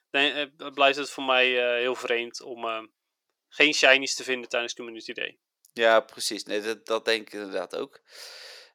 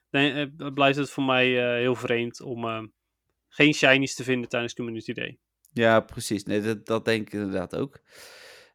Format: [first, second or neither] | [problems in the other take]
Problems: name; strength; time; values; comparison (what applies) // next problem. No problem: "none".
second | thin; somewhat; fading below 500 Hz